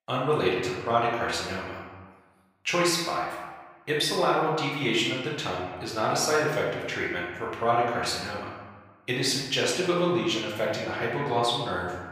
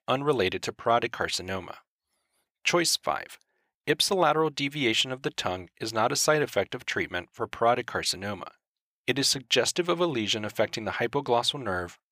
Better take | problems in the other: second | room echo; noticeable; dies away in 1.2 s // off-mic speech; far

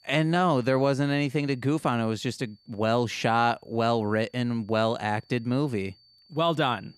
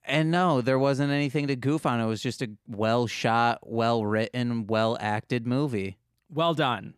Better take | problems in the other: second | high-pitched whine; faint; throughout; 4.5 kHz, 30 dB below the speech

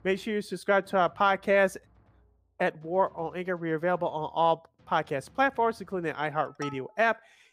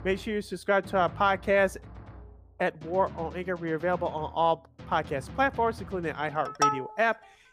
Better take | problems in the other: first | background music; loud; throughout; 8 dB below the speech; faint in the first

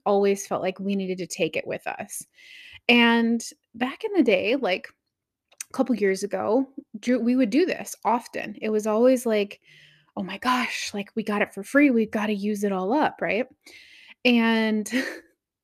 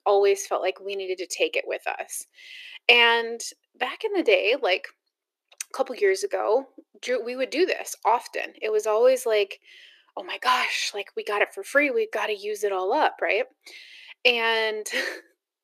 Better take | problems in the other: first | thin; very; fading below 350 Hz

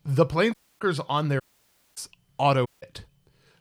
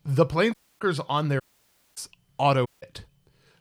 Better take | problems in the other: neither | audio cutting out; at 0.5 s, at 1.5 s for 0.5 s and at 2.5 s; the same in both

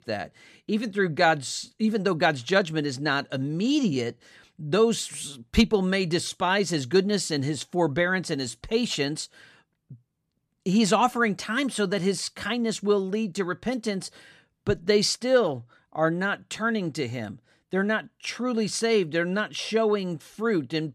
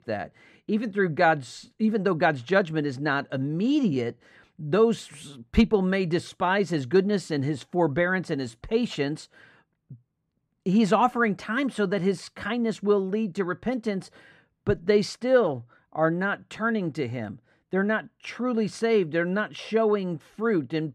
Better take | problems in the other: first | muffled; slightly; fading above 3 kHz

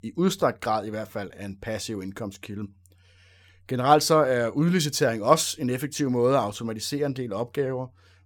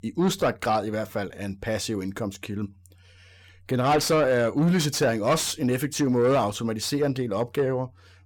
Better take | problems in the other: first | distortion; heavy; 8 dB below the speech

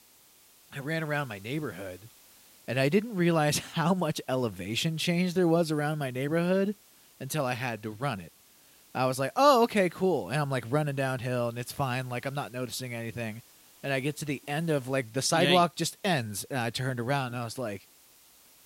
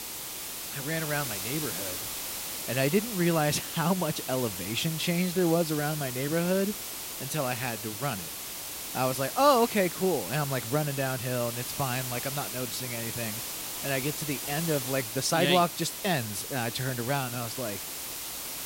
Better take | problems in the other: first | hiss; loud; throughout; 5 dB below the speech; faint in the first

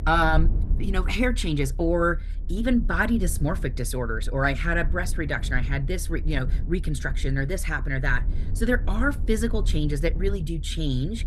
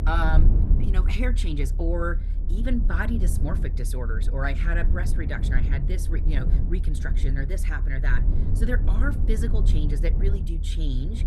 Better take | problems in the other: first | low rumble; loud; throughout; 9 dB below the speech; faint in the first

